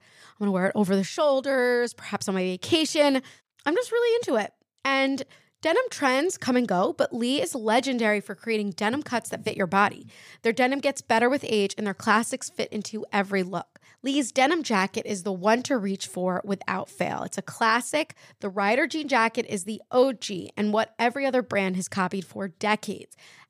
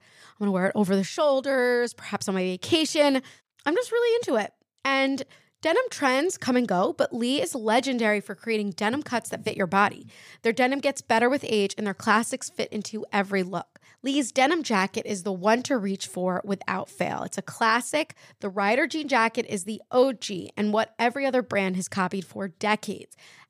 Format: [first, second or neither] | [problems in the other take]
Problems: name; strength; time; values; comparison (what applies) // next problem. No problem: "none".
neither | none